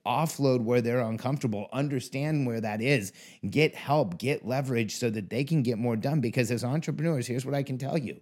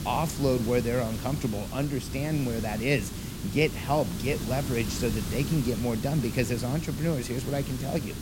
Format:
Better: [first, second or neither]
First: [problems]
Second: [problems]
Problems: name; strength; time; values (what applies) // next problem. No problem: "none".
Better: first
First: none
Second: hiss; loud; throughout; 6 dB below the speech